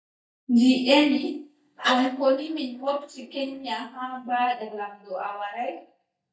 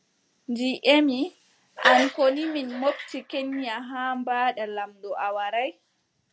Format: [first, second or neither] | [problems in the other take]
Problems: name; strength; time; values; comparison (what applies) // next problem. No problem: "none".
second | noise reduction (neural mask model DeepFilterNet 3)